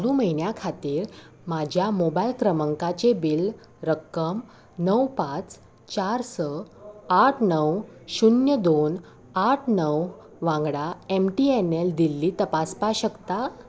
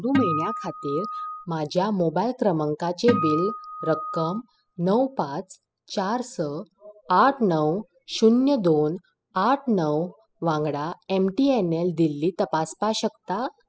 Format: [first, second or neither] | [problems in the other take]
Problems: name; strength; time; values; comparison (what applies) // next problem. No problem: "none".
first | noise reduction (classical method spectral subtraction)